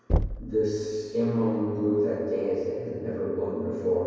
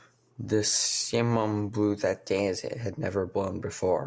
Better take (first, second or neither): second